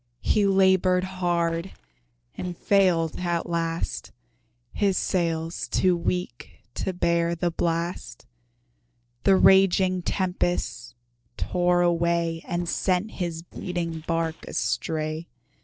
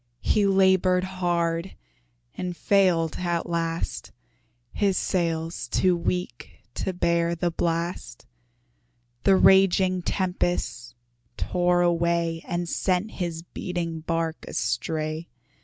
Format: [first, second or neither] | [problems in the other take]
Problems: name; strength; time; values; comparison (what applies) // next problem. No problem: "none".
second | noise reduction (neural separator model SepFormer DNS4)